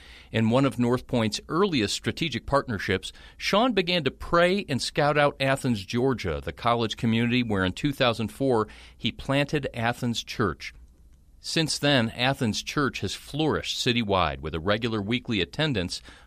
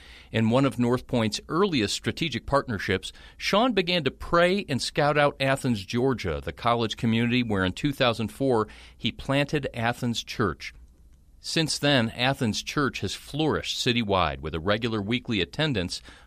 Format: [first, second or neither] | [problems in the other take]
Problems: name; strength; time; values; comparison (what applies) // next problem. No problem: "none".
neither | none